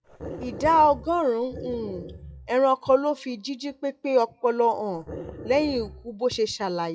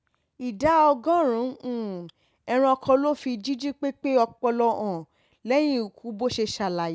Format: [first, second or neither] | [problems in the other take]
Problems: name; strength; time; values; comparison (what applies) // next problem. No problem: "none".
second | noise reduction (classical method WPE with log-MMSE)